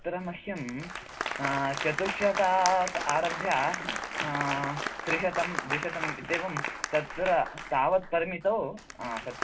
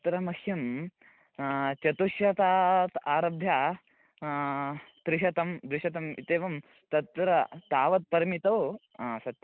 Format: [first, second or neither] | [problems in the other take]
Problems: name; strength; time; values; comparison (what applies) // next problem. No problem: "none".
second | background sound (Applause); 5 dB below the speech // room echo; dies away in 0.2 s